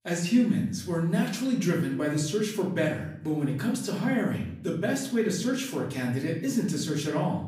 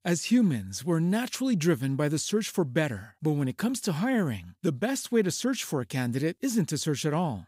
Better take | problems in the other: second | off-mic speech; far // room echo; slight; dies away in 0.6 s

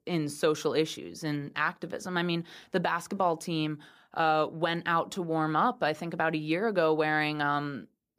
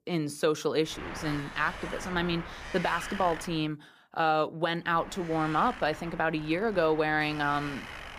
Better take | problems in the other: first | wind noise on the microphone; occasional gusts; from 1 to 3.5 s and from 5 s on; 10 dB below the speech

